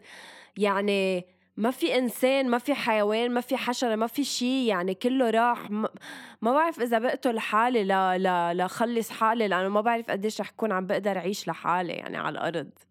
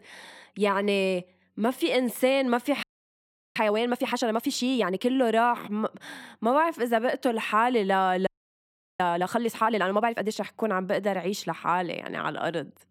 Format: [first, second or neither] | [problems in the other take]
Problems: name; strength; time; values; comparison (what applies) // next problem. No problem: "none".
first | audio freezing; at 3 s for 0.5 s and at 8.5 s for 0.5 s